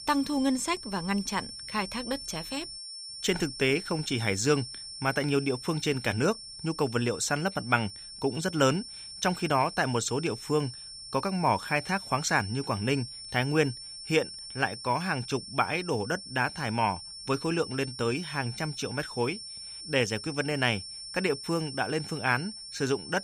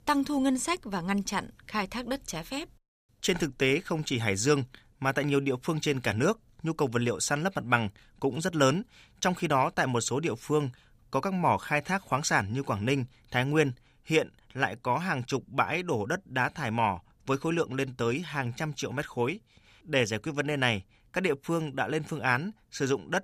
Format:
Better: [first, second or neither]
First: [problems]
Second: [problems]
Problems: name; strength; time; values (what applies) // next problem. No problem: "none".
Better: second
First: high-pitched whine; noticeable; throughout; 5.5 kHz, 10 dB below the speech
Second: none